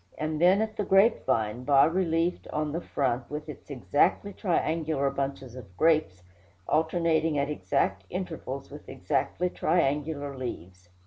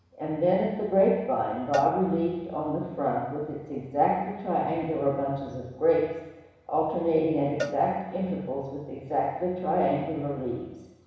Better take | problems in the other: first | background sound (Cowbell); 14 dB below the speech // room echo; dies away in 1.1 s

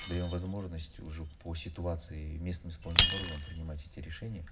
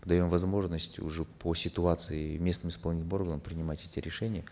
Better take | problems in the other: second | background sound (Shatter); 1 dB above the speech // room echo; dies away in 0.4 s

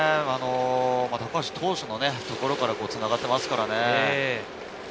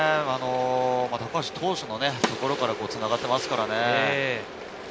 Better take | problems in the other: first | background sound (Snare drum); 9 dB below the speech

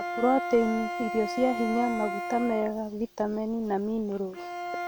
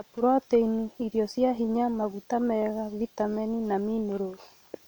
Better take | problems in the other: second | background sound (Bowed string instrument); 6 dB below the speech

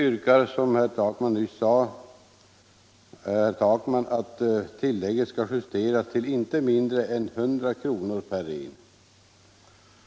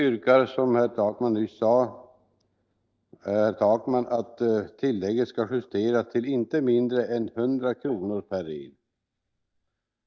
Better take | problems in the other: first | noise reduction (neural mask model DeepFilterNet 3)

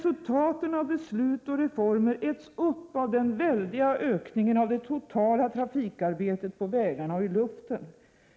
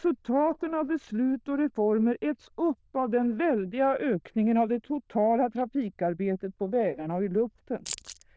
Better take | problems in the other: first | noise reduction (neural diffusion model UNIVERSE++)

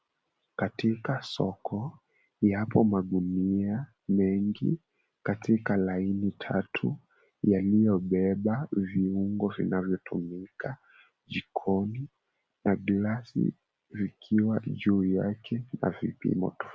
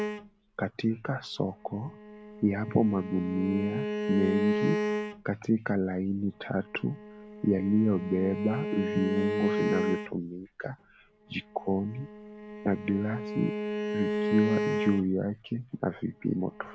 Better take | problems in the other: first | background sound (Bowed string instrument); 4 dB below the speech

